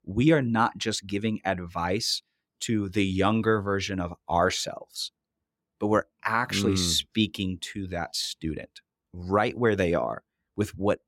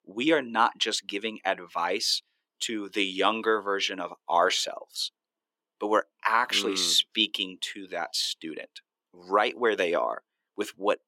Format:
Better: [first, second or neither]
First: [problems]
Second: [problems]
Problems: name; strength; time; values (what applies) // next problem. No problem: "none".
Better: first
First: none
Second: thin; somewhat; fading below 350 Hz